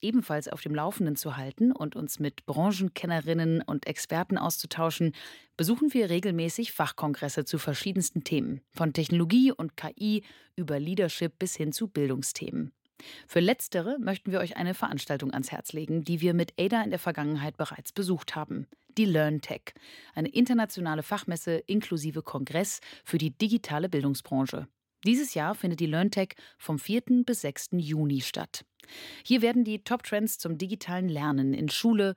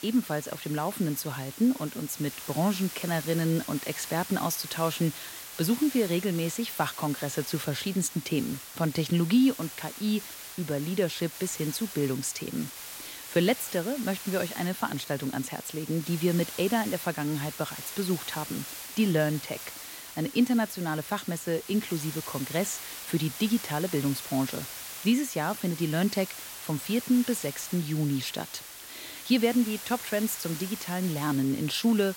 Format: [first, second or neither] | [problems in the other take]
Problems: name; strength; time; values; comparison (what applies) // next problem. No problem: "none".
first | hiss; loud; throughout; 10 dB below the speech